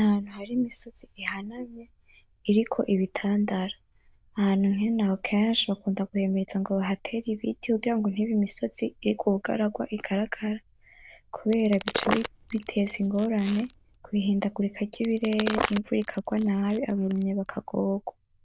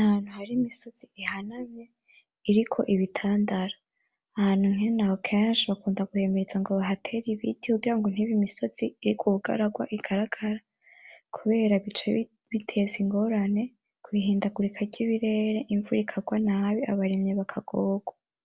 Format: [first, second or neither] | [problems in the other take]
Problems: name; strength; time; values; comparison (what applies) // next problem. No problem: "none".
second | noise reduction (neural diffusion model UNIVERSE++)